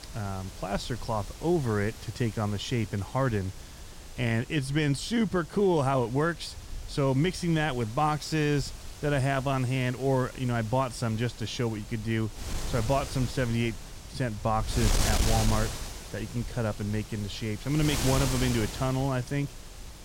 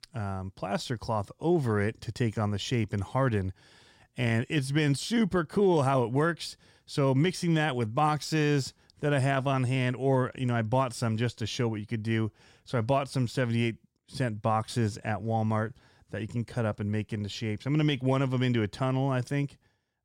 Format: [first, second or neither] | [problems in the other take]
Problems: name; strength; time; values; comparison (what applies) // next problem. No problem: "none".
second | wind noise on the microphone; heavy; 9 dB below the speech